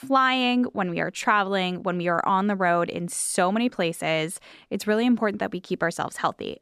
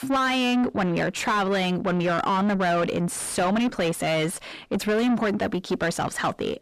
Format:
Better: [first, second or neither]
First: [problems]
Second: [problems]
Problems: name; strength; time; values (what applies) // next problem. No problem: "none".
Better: first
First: none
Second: distortion; heavy; 6 dB below the speech